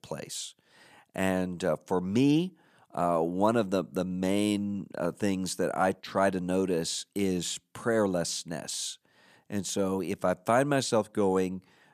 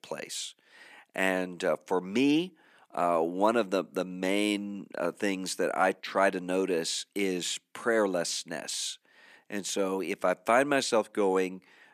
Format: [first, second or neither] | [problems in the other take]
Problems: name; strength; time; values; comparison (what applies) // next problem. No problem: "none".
first | thin; very slightly; fading below 300 Hz